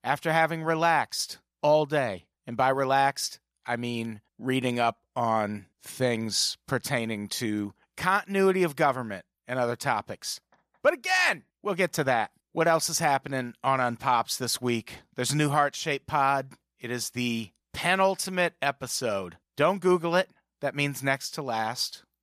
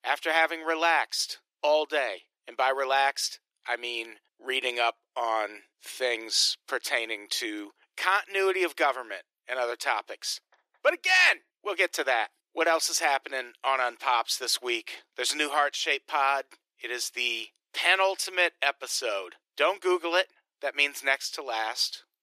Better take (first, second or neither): first